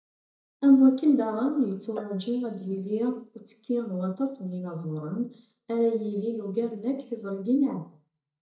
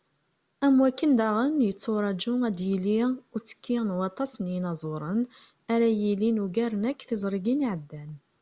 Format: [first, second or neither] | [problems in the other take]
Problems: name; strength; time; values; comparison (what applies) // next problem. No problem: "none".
second | noise reduction (neural mask model DeepFilterNet 3)